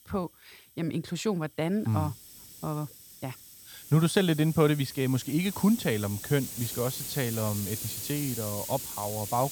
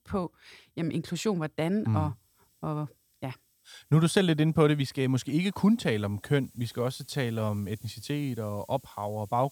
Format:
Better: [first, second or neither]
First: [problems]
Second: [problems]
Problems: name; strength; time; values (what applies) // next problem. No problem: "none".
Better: second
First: hiss; loud; throughout; 8 dB below the speech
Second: hiss; faint; throughout; 30 dB below the speech